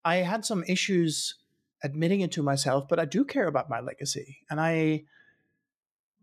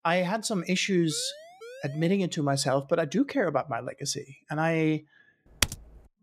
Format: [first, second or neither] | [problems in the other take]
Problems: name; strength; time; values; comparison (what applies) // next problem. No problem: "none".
first | siren; faint; from 1 to 2 s; peak 15 dB below the speech // keyboard typing; noticeable; at 5.5 s; peak level with the speech